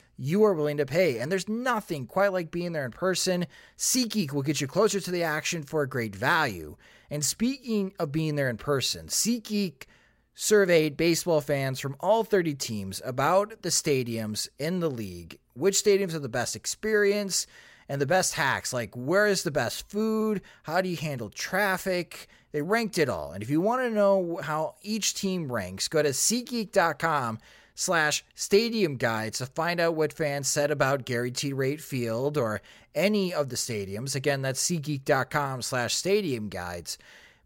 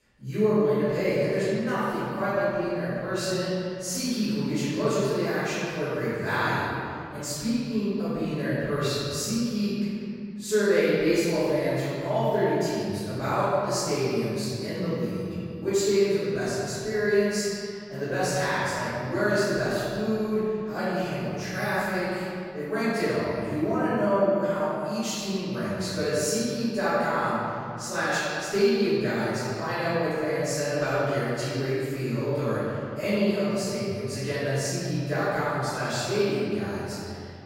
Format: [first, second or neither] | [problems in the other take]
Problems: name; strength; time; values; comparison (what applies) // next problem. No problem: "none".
first | off-mic speech; far // room echo; strong; dies away in 2.4 s